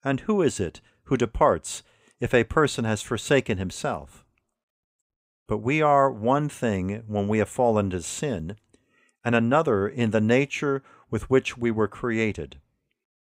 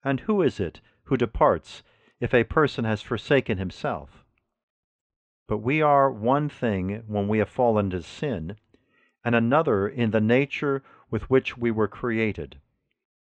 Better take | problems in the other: first | muffled; slightly; fading above 4 kHz

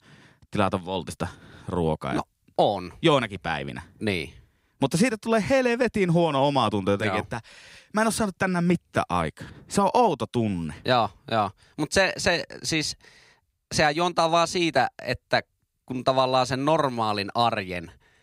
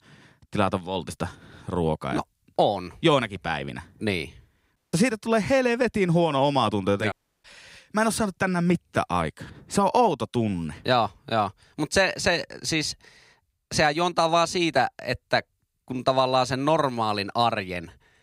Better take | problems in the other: first | audio cutting out; at 5 s and at 7 s

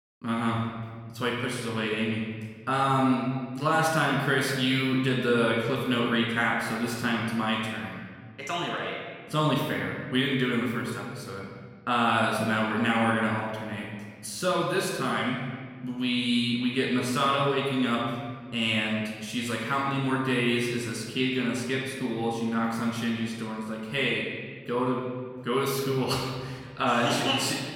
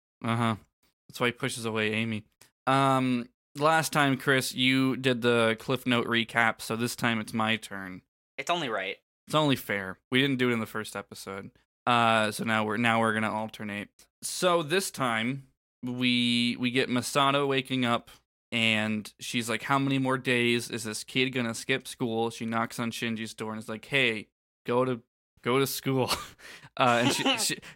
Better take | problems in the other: second | off-mic speech; somewhat distant // room echo; noticeable; dies away in 1.7 s

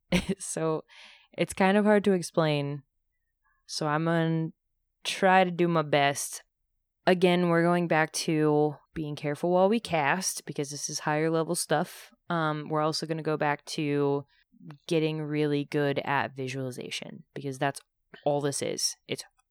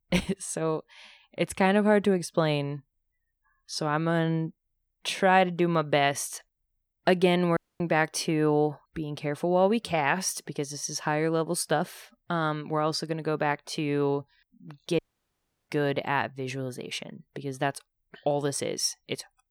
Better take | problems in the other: first | audio cutting out; at 7.5 s and at 15 s for 0.5 s

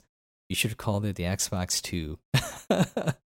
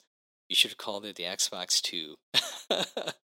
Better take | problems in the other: first | thin; somewhat; fading below 300 Hz

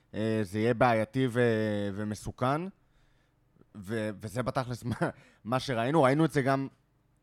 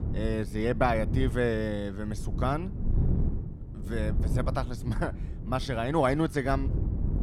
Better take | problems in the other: first | wind noise on the microphone; occasional gusts; 15 dB below the speech

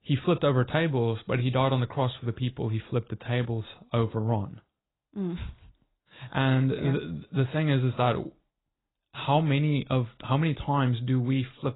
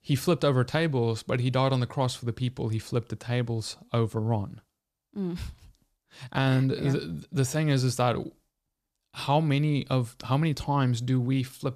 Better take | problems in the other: second | garbled, watery; badly; nothing above 4 kHz

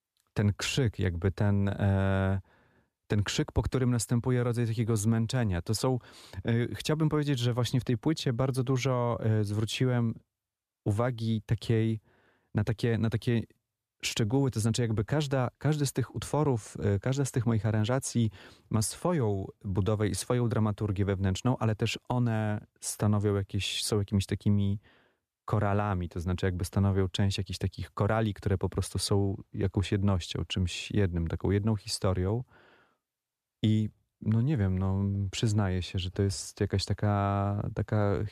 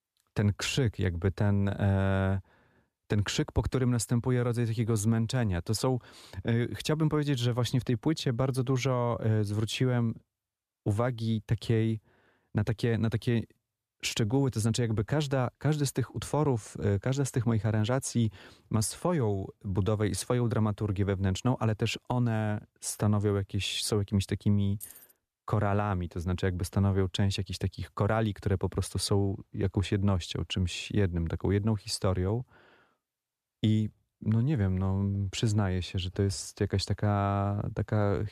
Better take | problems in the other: first | jangling keys; faint; at 25 s; peak 15 dB below the speech

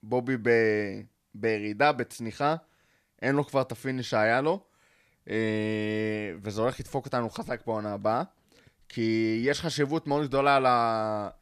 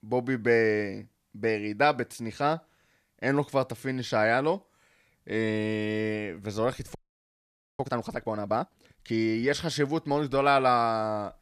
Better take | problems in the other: first | audio freezing; at 7 s for 1 s

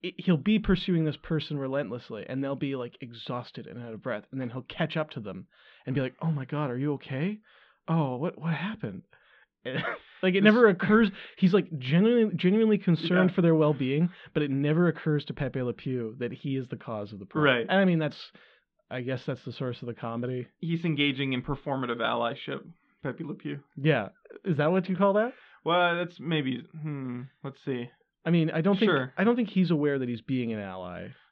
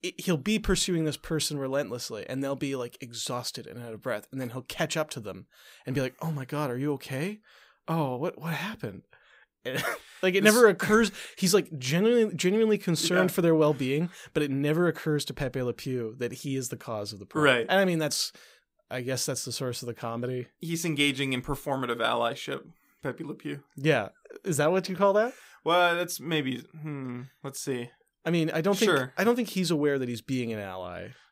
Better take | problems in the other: second | muffled; very; fading above 3.5 kHz

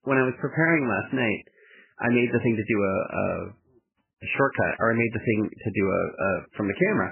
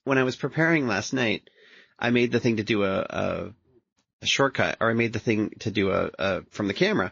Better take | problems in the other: second | garbled, watery; badly; nothing above 3 kHz; slightly in the second

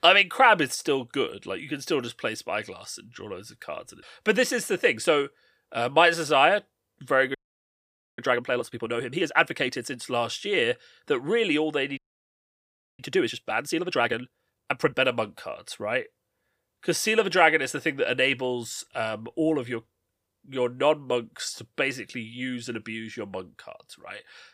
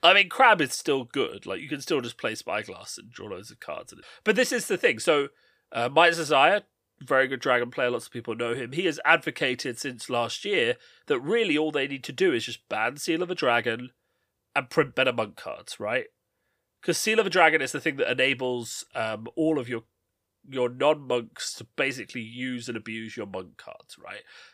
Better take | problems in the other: second | audio freezing; at 7.5 s for 1 s and at 12 s for 1 s

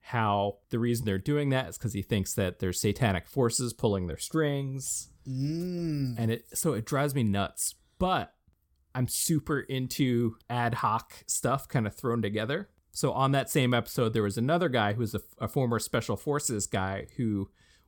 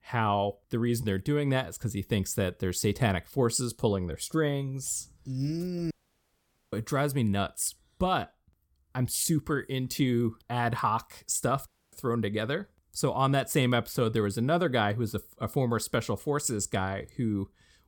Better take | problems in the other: first | audio cutting out; at 6 s for 1 s and at 12 s

